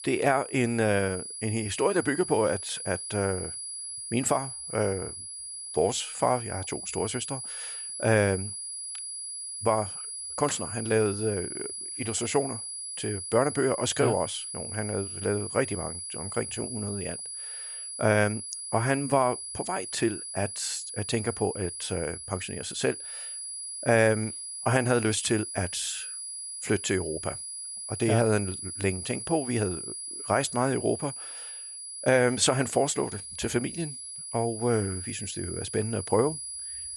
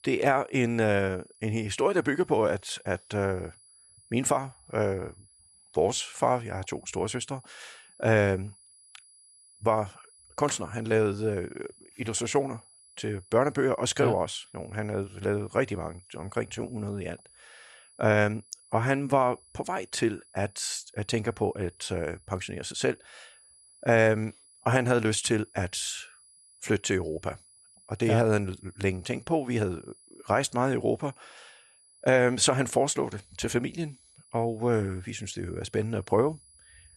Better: second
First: high-pitched whine; loud; throughout; 10 kHz, 7 dB below the speech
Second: high-pitched whine; faint; throughout; 10 kHz, 25 dB below the speech

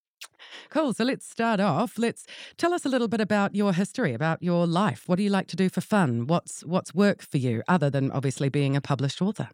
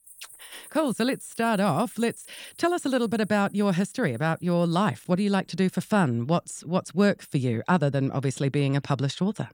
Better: first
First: none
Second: animal sounds; faint; throughout; 20 dB below the speech

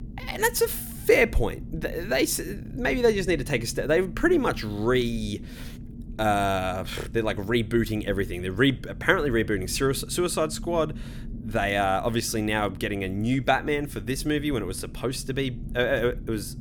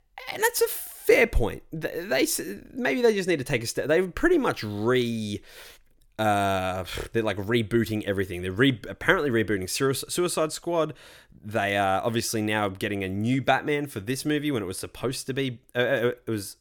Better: second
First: low rumble; faint; throughout; 20 dB below the speech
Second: none

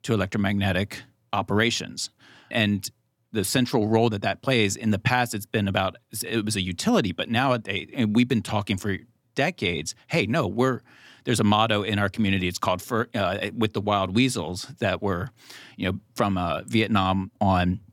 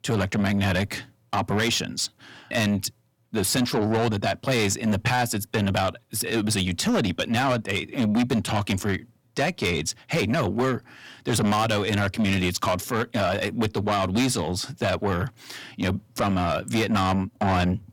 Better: first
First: none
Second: distortion; heavy; 7 dB below the speech

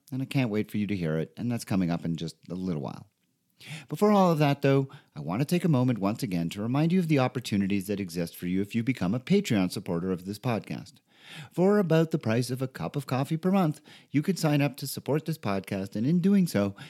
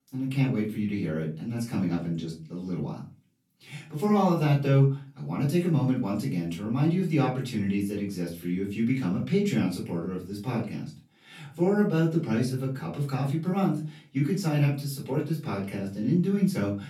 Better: first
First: none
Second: off-mic speech; far // room echo; slight; dies away in 0.3 s

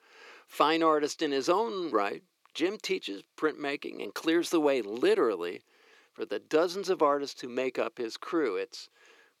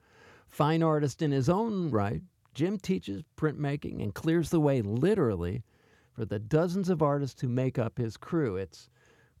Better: second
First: thin; somewhat; fading below 350 Hz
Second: none

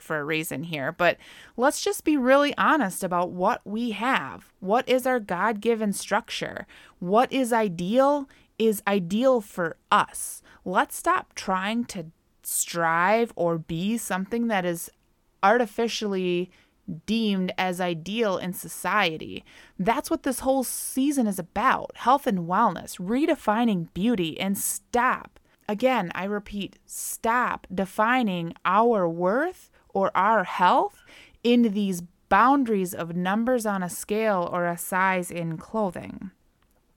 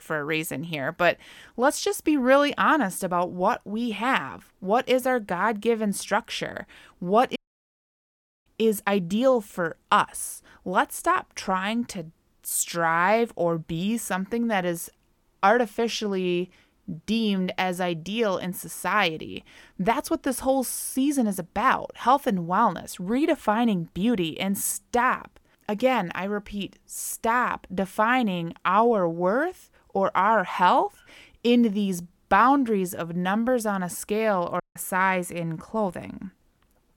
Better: first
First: none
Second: audio cutting out; at 7.5 s for 1 s and at 35 s

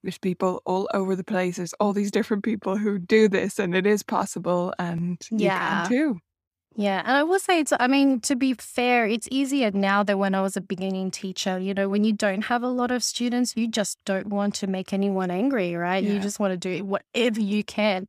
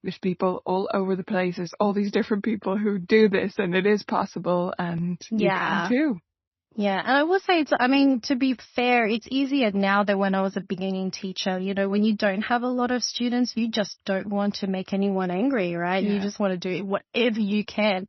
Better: first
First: none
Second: garbled, watery; slightly; nothing above 6 kHz

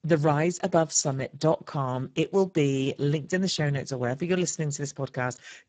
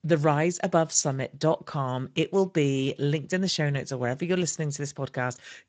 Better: second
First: garbled, watery; badly; nothing above 7.5 kHz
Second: garbled, watery; slightly; nothing above 7.5 kHz

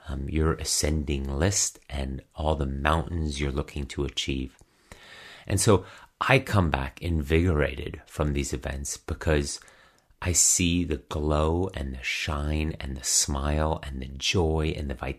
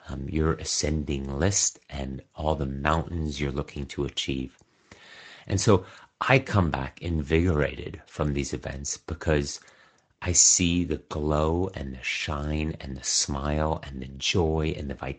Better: first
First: none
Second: garbled, watery; slightly; nothing above 7.5 kHz

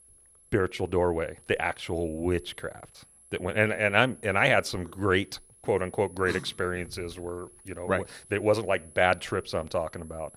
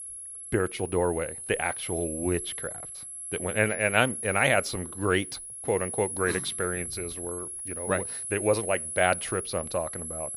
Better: first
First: high-pitched whine; faint; throughout; 10.5 kHz, 25 dB below the speech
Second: high-pitched whine; loud; throughout; 10.5 kHz, 6 dB below the speech

